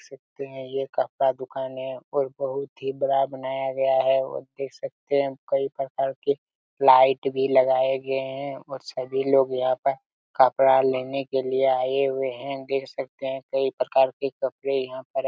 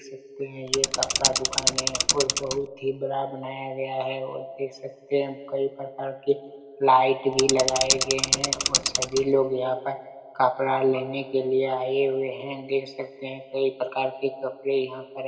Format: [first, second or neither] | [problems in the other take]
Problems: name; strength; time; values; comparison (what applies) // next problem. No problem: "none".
first | background sound (Mechanisms / Bicycle); 1 dB above the speech // room echo; dies away in 1.6 s